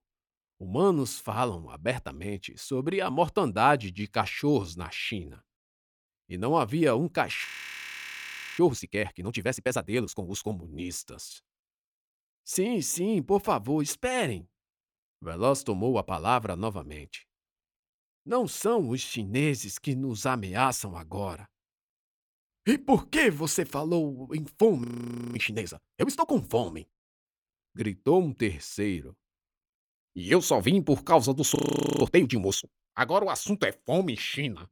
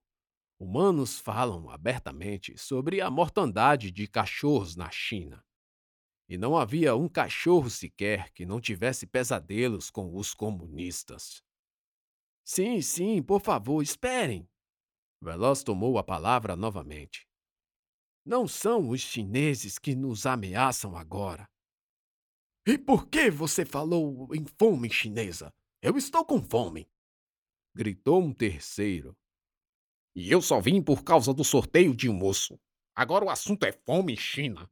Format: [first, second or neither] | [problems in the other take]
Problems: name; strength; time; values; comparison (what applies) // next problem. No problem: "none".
second | audio freezing; at 7.5 s for 1 s, at 25 s for 0.5 s and at 32 s